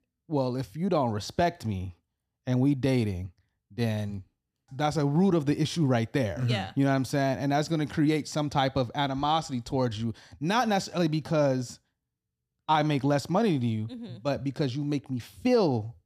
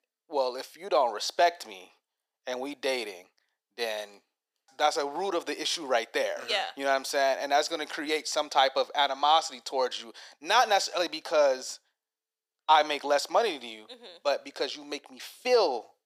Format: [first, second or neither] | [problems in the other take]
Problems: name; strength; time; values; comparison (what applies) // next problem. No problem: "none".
first | thin; very; fading below 500 Hz